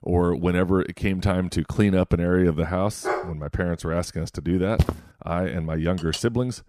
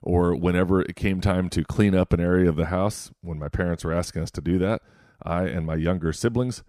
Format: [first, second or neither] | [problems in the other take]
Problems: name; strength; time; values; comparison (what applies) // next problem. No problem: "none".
second | dog barking; noticeable; at 3 s; peak 4 dB below the speech // footsteps; noticeable; at 5 s; peak 1 dB below the speech // clattering dishes; noticeable; at 6 s; peak 9 dB below the speech